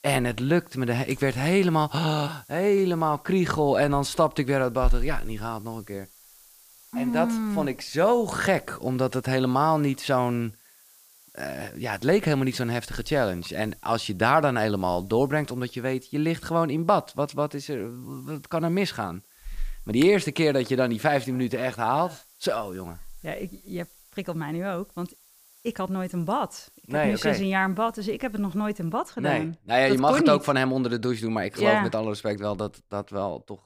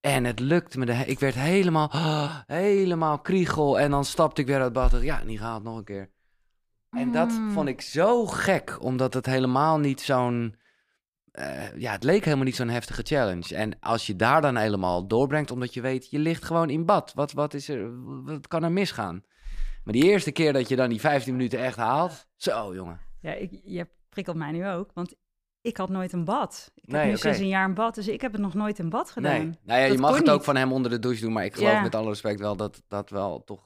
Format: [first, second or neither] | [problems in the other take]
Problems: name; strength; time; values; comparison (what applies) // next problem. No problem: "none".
second | hiss; faint; until 29 s; 25 dB below the speech